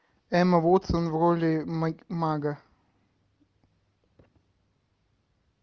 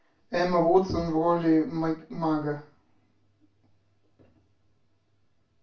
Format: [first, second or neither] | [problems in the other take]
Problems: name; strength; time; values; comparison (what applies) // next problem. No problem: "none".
first | room echo; dies away in 0.3 s